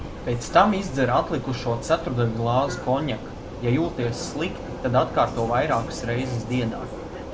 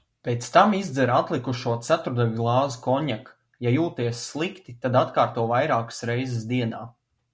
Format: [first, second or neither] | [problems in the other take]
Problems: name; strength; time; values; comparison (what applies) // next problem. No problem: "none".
second | background sound (Vehicle); 9 dB below the speech